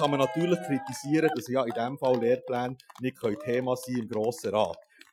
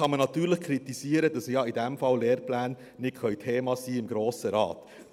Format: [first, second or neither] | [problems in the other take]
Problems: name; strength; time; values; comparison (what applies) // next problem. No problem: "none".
second | noise reduction (classical method Wiener filter)